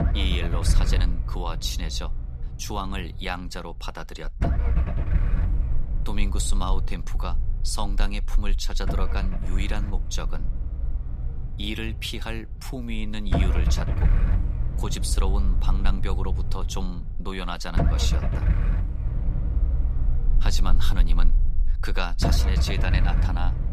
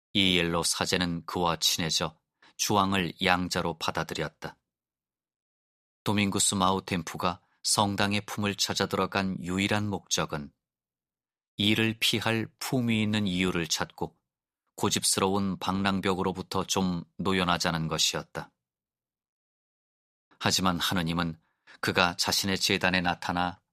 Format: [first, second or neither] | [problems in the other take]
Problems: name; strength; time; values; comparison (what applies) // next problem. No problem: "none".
second | low rumble; loud; throughout; 6 dB below the speech